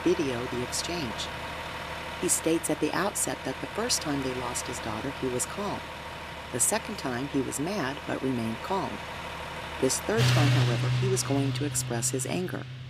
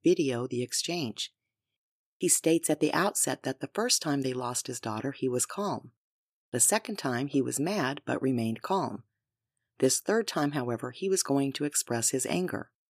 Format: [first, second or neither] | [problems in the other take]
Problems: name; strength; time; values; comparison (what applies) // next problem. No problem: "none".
second | traffic noise; loud; throughout; 3 dB below the speech